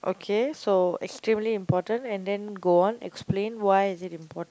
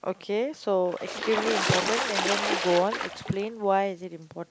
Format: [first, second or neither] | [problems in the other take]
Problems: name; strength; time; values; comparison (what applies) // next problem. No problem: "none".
first | background sound (Water / Splash, splatter); 1 dB below the speech